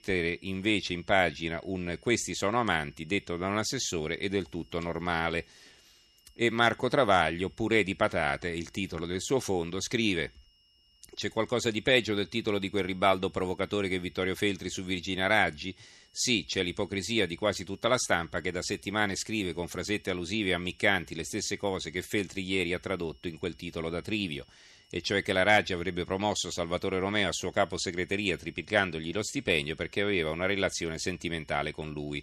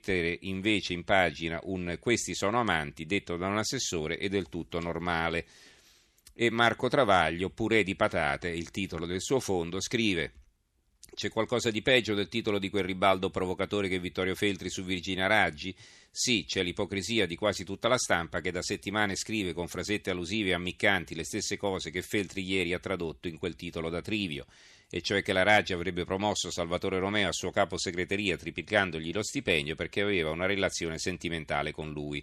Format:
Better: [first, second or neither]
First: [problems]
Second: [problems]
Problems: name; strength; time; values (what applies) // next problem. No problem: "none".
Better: second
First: high-pitched whine; faint; throughout; 3 kHz, 35 dB below the speech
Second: none